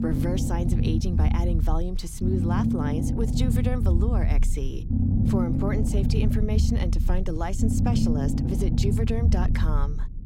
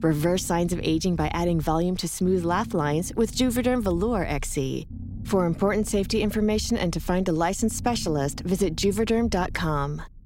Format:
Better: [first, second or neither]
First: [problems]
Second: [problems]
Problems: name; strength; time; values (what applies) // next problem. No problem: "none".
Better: second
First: low rumble; loud; throughout; 1 dB below the speech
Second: low rumble; faint; throughout; 20 dB below the speech